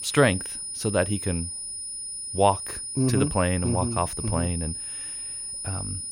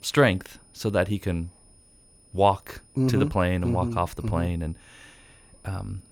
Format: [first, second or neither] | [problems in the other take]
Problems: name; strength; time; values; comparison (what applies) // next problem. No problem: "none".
second | high-pitched whine; loud; throughout; 9.5 kHz, 5 dB below the speech; faint in the second